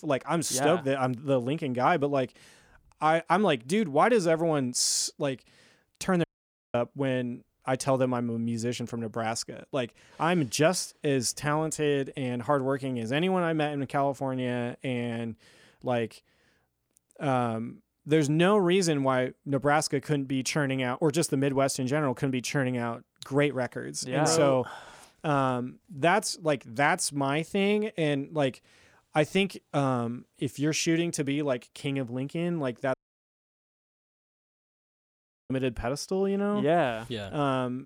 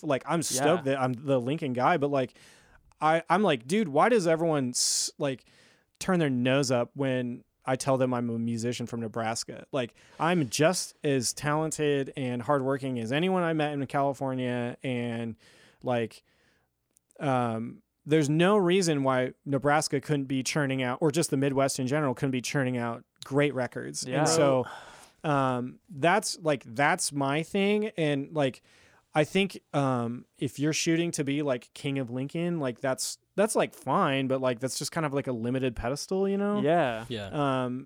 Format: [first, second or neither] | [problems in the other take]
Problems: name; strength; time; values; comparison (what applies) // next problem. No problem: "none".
second | audio cutting out; at 6 s for 0.5 s and at 33 s for 2.5 s